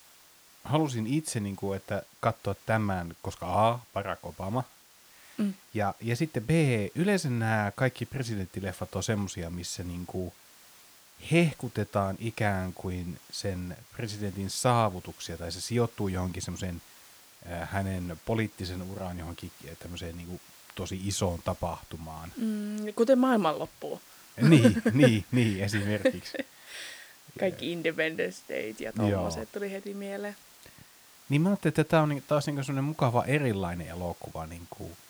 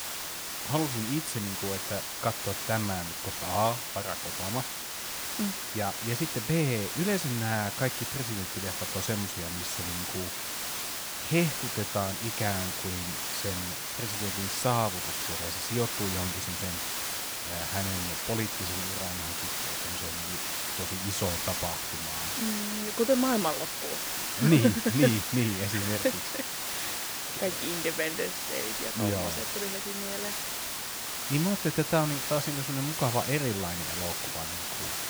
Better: first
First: hiss; faint; throughout; 25 dB below the speech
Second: hiss; loud; throughout; as loud as the speech

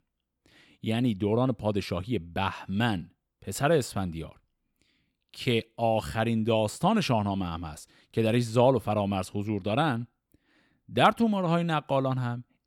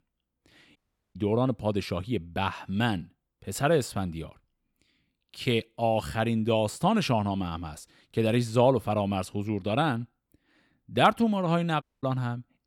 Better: first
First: none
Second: audio cutting out; at 1 s and at 12 s

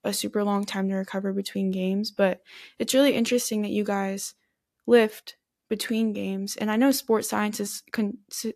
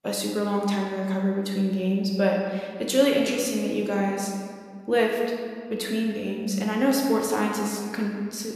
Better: first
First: none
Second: room echo; noticeable; dies away in 1.7 s // off-mic speech; somewhat distant

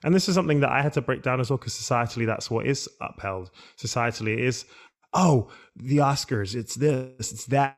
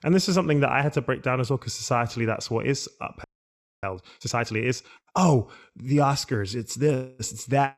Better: first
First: none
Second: audio freezing; at 3 s for 0.5 s

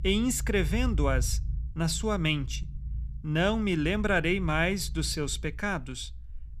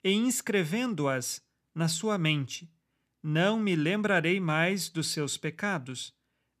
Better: second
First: low rumble; faint; throughout; 25 dB below the speech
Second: none

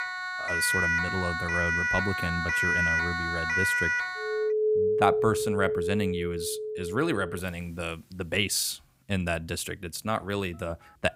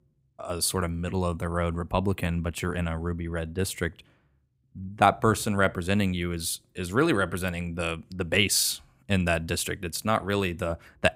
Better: second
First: alarms or sirens; very loud; throughout; 3 dB above the speech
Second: none

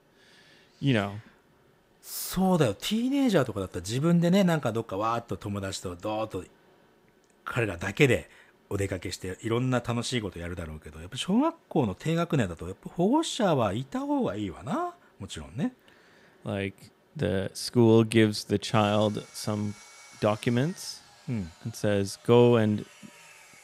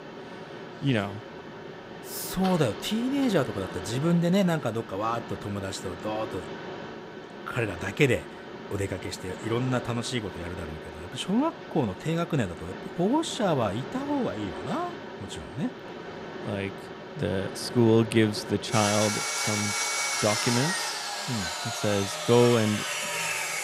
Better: first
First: machinery noise; faint; throughout; 30 dB below the speech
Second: machinery noise; loud; throughout; 6 dB below the speech

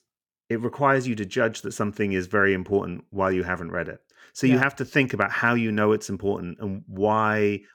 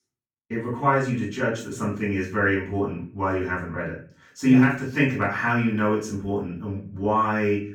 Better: first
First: none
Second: off-mic speech; far // room echo; noticeable; dies away in 0.4 s

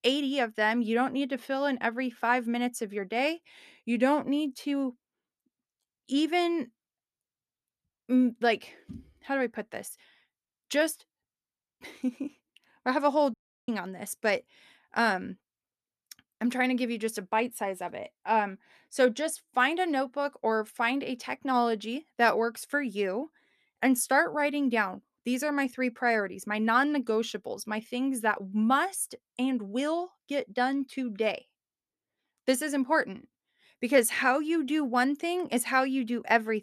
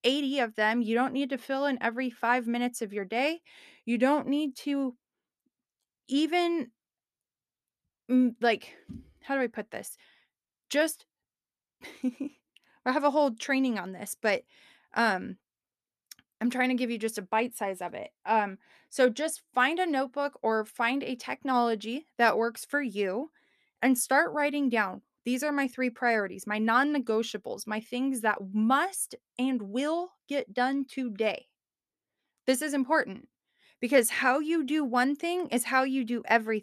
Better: second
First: audio cutting out; at 13 s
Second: none

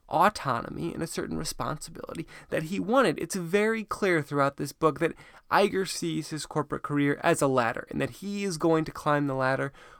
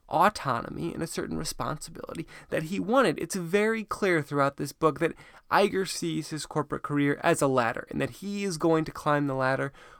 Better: neither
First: none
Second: none

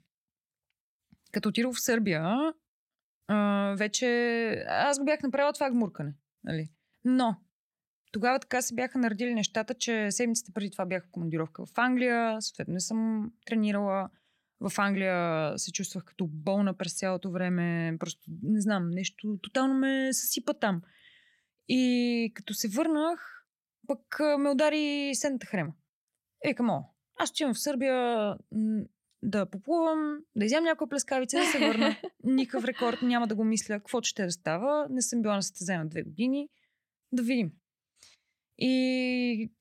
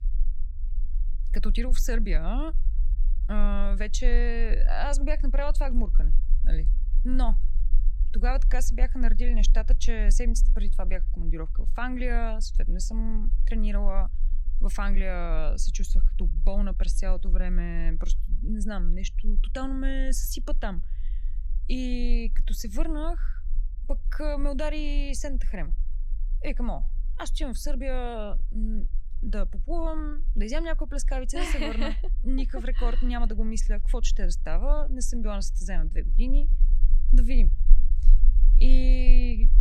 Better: first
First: none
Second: low rumble; faint; throughout; 20 dB below the speech

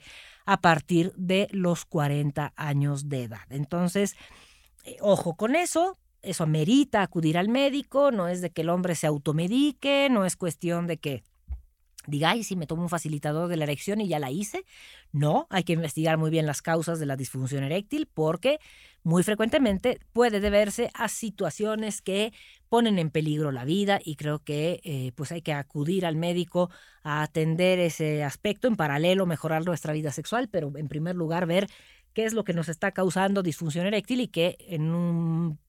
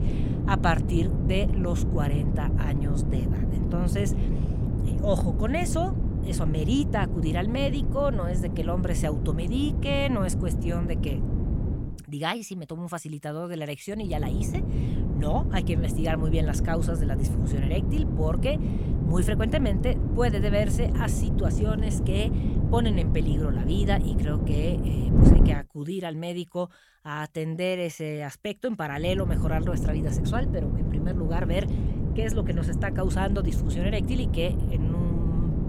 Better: first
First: none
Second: wind noise on the microphone; heavy; until 12 s, from 14 to 25 s and from 29 s on; 5 dB below the speech

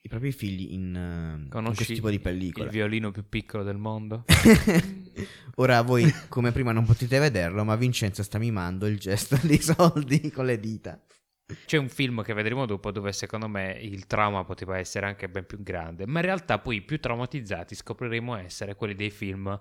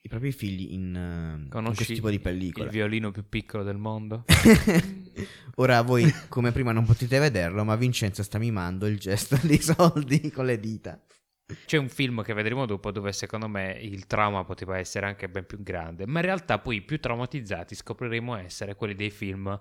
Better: neither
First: none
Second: none

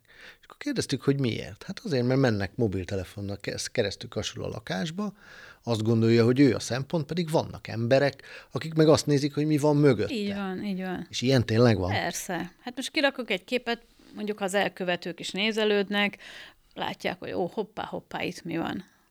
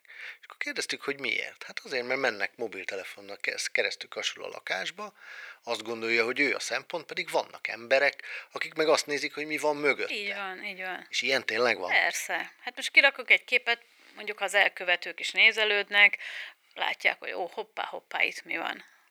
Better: first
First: none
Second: thin; very; fading below 650 Hz

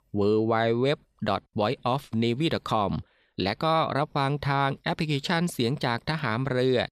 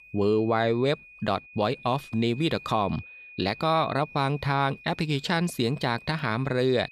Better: first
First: none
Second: high-pitched whine; noticeable; throughout; 2.5 kHz, 20 dB below the speech

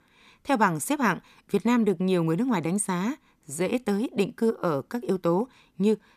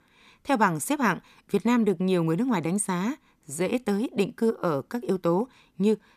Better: neither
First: none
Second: none

